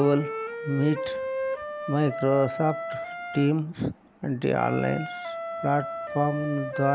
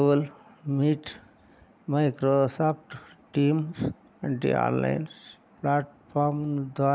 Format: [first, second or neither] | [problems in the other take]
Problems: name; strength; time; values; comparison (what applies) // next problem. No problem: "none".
second | background sound (Wind instrument, woodwind instrument); 7 dB below the speech